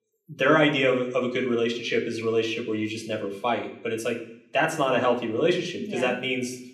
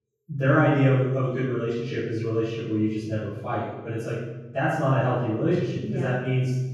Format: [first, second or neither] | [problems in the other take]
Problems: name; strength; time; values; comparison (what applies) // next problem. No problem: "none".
first | room echo; strong; dies away in 1.3 s; slight in the first // off-mic speech; far; somewhat distant in the first